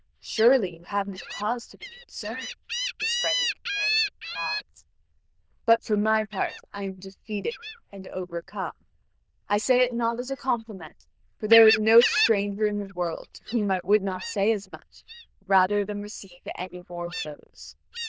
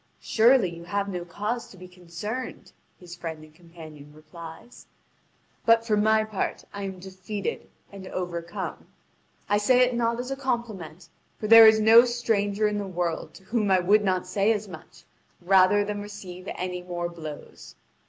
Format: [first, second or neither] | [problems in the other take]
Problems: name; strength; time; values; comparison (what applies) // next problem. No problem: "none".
second | noise reduction (neural diffusion model UNIVERSE++)